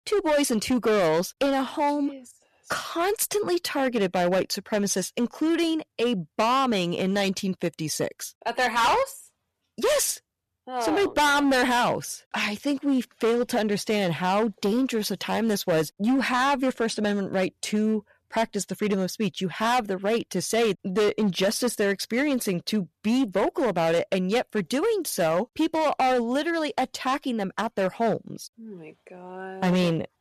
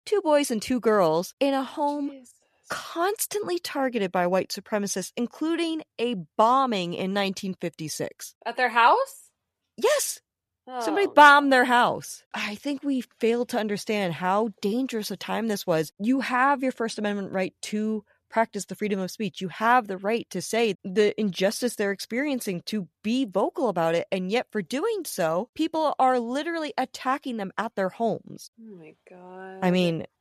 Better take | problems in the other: second | distortion; heavy; 11% of the sound clipped

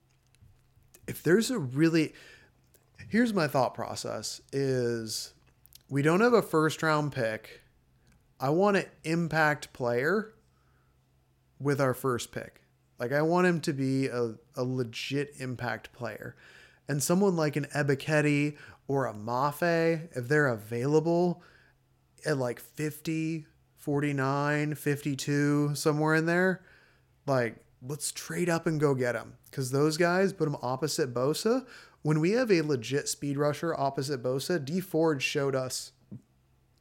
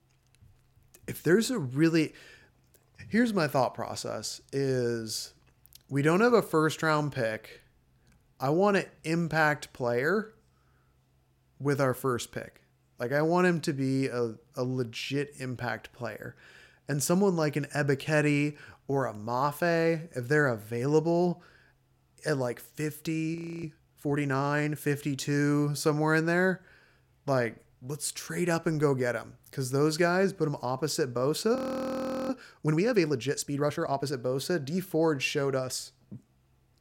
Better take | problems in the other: first | audio freezing; at 23 s and at 32 s for 0.5 s

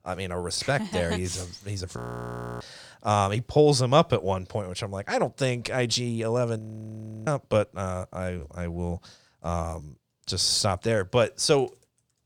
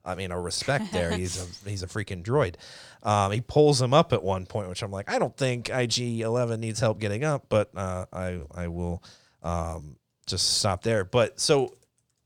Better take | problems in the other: second | audio freezing; at 2 s for 0.5 s and at 6.5 s for 0.5 s

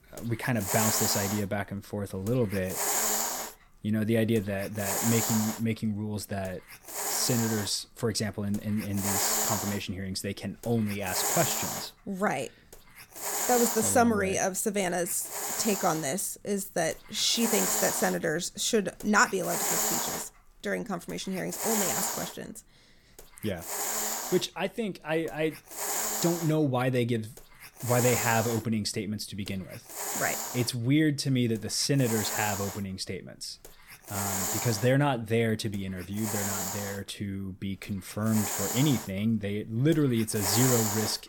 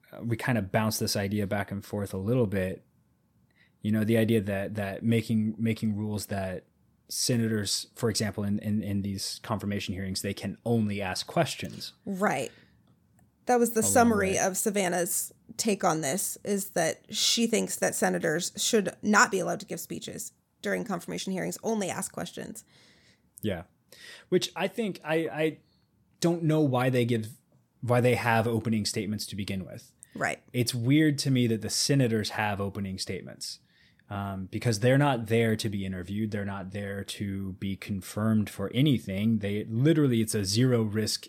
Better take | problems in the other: second | hiss; loud; throughout; 1 dB below the speech

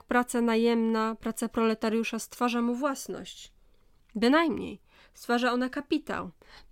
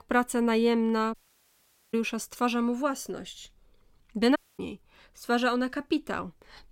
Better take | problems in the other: first | audio cutting out; at 1 s for 1 s and at 4.5 s

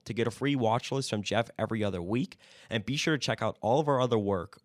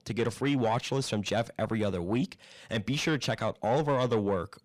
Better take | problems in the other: first | distortion; slight; 10 dB below the speech

